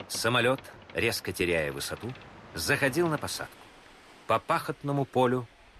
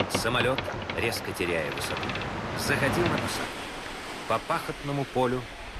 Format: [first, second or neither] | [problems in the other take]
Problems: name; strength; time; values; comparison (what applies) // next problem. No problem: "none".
first | train or aircraft noise; loud; throughout; 3 dB below the speech; faint in the first